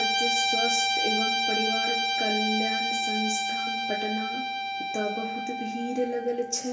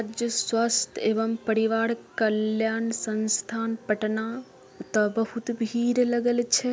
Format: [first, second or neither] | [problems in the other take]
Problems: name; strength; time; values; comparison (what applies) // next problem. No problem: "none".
second | background sound (Guitar); 4 dB above the speech // room echo; dies away in 0.9 s